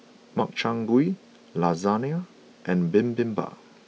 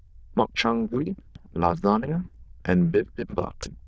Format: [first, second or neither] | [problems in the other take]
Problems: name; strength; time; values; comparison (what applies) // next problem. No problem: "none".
first | noise reduction (neural diffusion model UNIVERSE++)